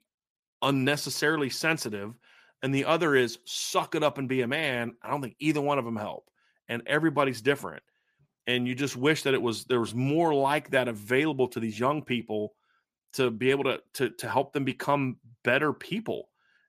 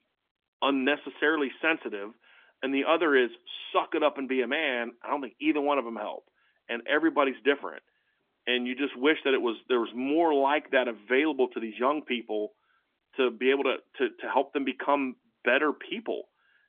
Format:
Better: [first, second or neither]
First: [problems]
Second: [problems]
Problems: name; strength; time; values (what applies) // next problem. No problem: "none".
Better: first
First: none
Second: phone-call audio; nothing above 3.5 kHz